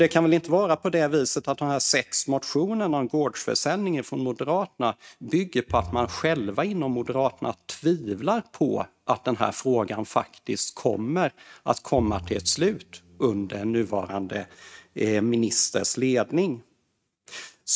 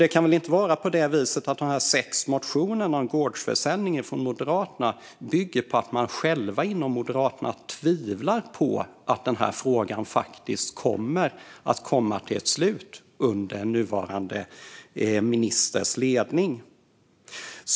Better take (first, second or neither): second